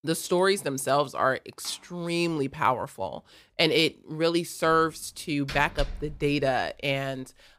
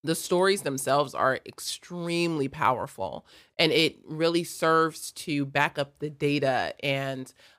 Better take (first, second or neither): second